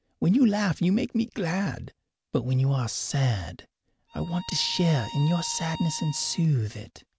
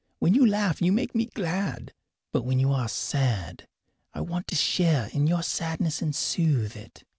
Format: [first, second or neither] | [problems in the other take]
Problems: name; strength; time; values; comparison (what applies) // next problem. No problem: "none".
second | background sound (Bowed string instrument); 15 dB below the speech